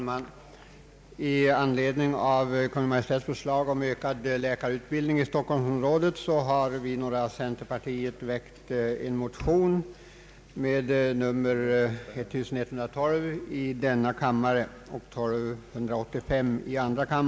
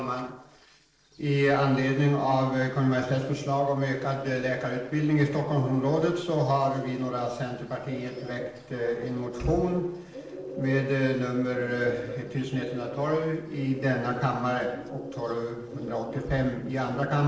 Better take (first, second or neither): first